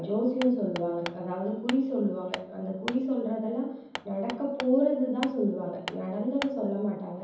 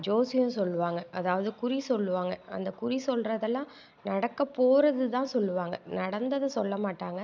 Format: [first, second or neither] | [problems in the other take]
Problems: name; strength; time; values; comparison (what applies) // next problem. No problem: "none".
second | background sound (Hammer); 13 dB below the speech // room echo; dies away in 0.9 s